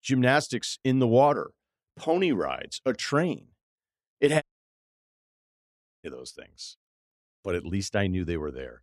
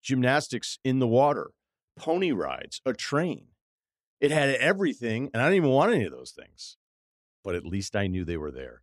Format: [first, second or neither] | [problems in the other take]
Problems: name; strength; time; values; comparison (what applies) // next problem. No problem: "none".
second | audio cutting out; at 4.5 s for 1.5 s